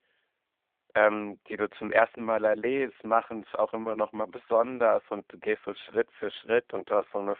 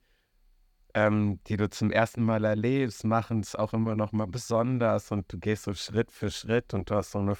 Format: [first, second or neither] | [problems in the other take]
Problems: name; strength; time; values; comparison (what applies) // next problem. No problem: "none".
second | phone-call audio